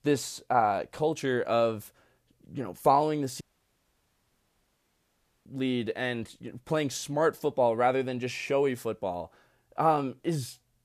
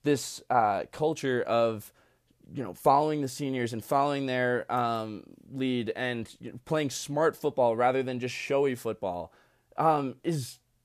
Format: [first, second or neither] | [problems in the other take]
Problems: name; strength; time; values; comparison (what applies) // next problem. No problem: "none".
second | audio cutting out; at 3.5 s for 2 s